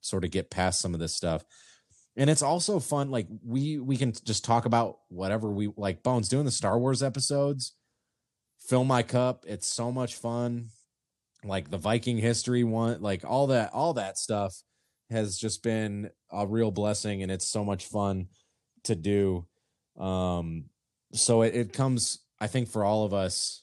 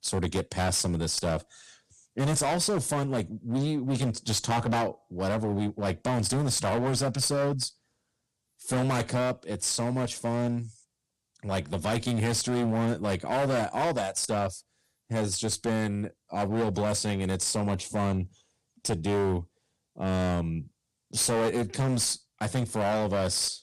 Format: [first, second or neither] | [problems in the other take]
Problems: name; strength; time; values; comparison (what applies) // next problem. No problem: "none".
first | distortion; heavy; 15% of the sound clipped